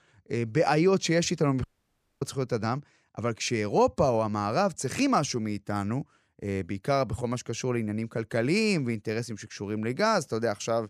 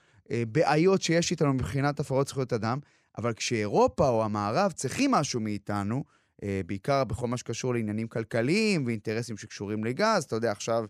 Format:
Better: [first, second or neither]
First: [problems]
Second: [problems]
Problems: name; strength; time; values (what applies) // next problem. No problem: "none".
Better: second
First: audio cutting out; at 1.5 s for 0.5 s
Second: none